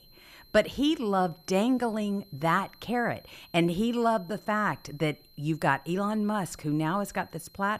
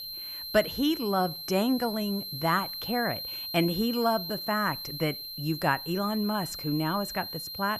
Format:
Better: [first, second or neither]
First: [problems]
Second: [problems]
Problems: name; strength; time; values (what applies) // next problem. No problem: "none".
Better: first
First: high-pitched whine; faint; throughout; 4 kHz, 25 dB below the speech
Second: high-pitched whine; loud; throughout; 4 kHz, 6 dB below the speech